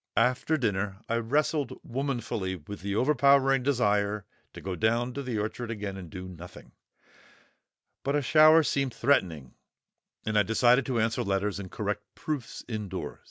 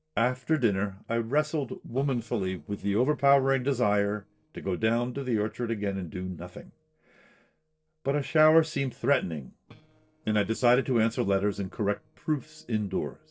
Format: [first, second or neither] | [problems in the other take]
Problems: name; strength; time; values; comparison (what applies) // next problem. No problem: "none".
first | noise reduction (neural separator model SepFormer DNS4)